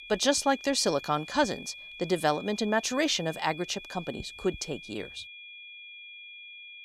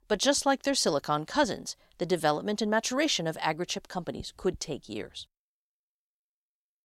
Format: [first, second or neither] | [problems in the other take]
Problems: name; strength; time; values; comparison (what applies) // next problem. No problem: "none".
second | high-pitched whine; noticeable; throughout; 2.5 kHz, 15 dB below the speech